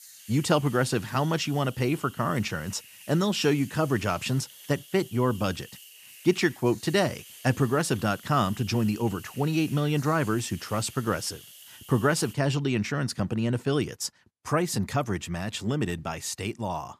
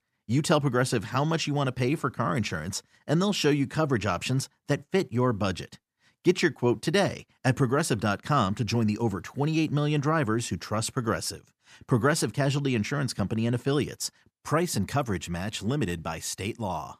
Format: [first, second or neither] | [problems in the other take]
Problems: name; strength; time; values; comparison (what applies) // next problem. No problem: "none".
second | hiss; noticeable; until 12 s; 20 dB below the speech